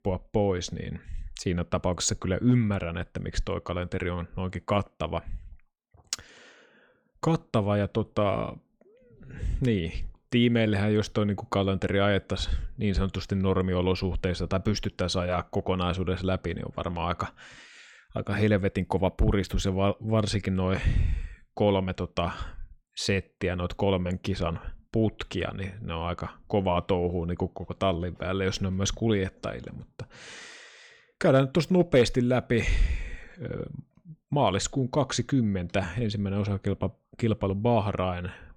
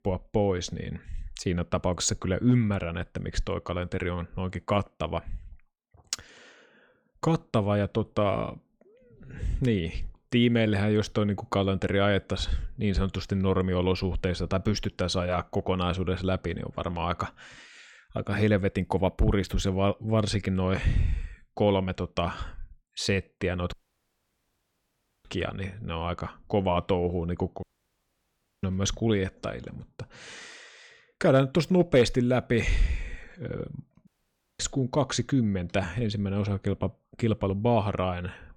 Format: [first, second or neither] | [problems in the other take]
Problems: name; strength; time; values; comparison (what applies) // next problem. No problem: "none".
first | audio cutting out; at 24 s for 1.5 s, at 28 s for 1 s and at 34 s for 0.5 s